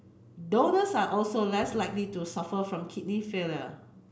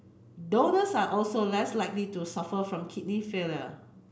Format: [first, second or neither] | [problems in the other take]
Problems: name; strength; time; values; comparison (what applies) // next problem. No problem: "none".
second | background sound (Drum); 20 dB below the speech